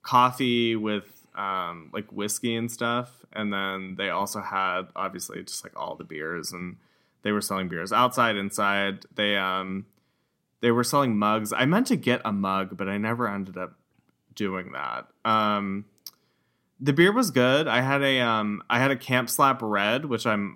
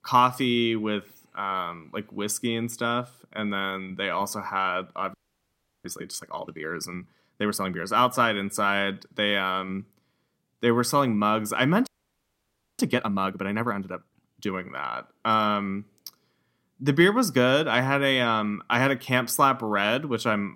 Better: first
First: none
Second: audio freezing; at 5 s for 0.5 s and at 12 s for 1 s

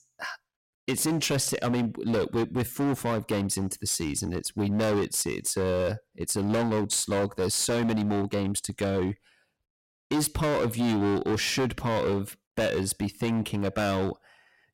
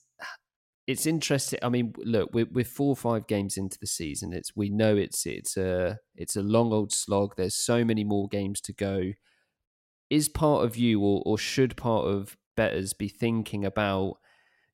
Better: second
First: distortion; heavy; 18% of the sound clipped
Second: none

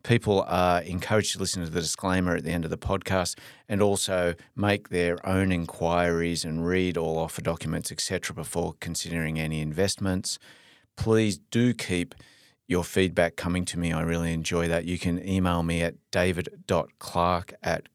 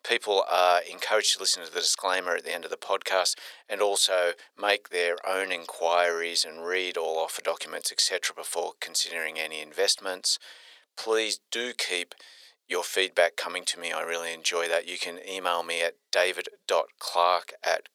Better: first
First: none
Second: thin; very; fading below 450 Hz

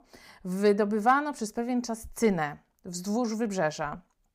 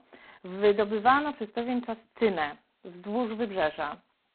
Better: first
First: none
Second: phone-call audio; poor line; nothing above 4 kHz

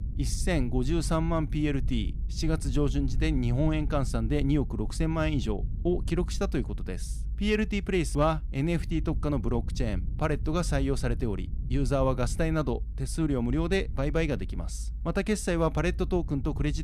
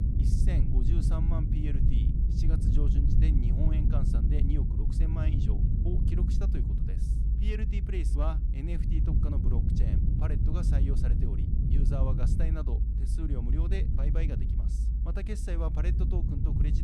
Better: first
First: low rumble; faint; throughout; 20 dB below the speech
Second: low rumble; loud; throughout; as loud as the speech

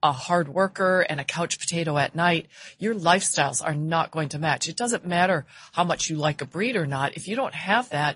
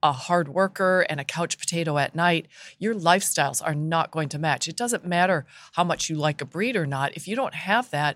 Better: second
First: garbled, watery; slightly; nothing above 10.5 kHz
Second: none

